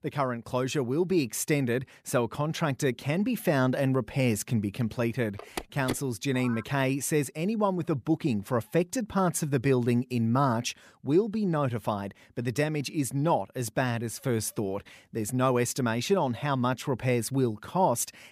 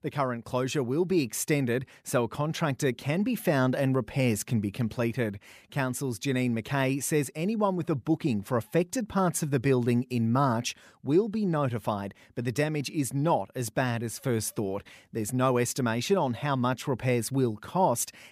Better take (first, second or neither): second